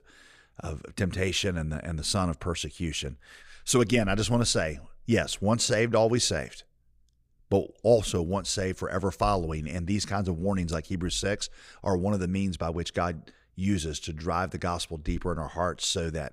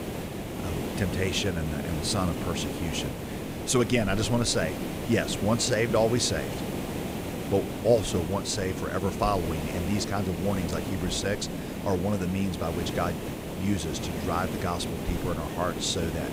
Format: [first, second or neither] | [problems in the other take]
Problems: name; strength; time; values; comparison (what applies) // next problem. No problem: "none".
first | hiss; loud; throughout; 5 dB below the speech